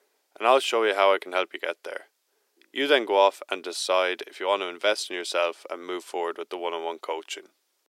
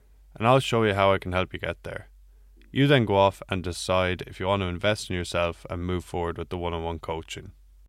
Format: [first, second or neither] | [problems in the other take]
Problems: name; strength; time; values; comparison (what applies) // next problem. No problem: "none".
second | thin; very; fading below 350 Hz